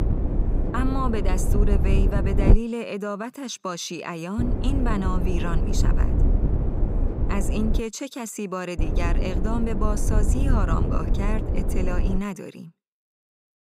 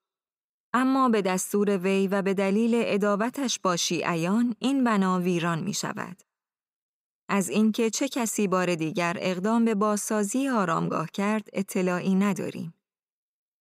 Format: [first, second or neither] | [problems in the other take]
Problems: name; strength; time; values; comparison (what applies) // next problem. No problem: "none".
second | wind noise on the microphone; heavy; until 2.5 s, from 4.5 to 8 s and from 9 to 12 s; 4 dB below the speech